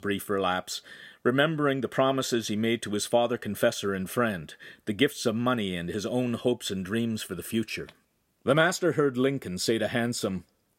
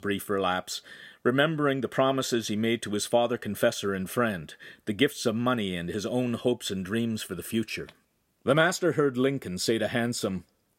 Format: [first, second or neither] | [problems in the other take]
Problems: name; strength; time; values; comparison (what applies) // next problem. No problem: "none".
neither | none